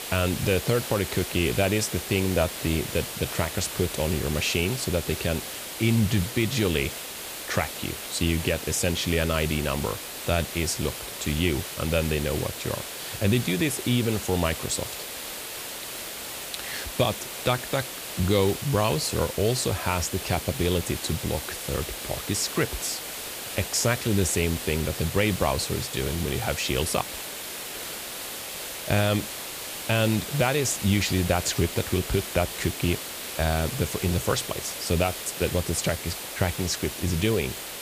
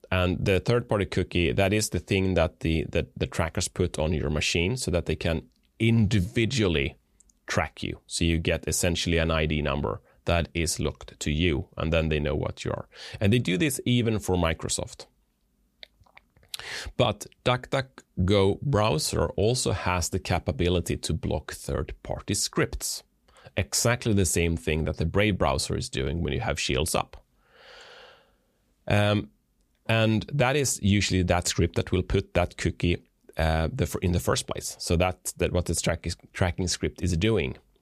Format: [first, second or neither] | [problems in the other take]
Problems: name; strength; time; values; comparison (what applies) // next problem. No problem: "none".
second | hiss; loud; throughout; 6 dB below the speech